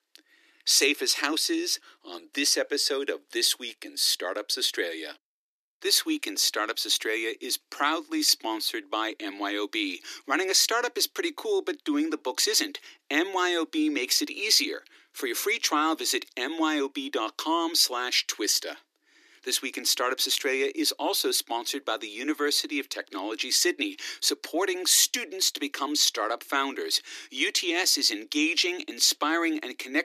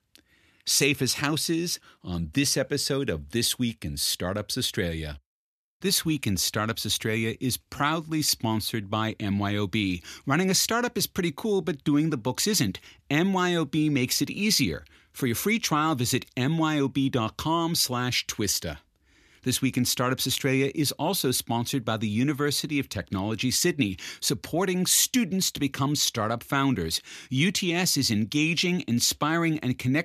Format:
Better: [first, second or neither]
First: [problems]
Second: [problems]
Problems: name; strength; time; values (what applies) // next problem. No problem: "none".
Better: second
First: thin; somewhat; fading below 300 Hz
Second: none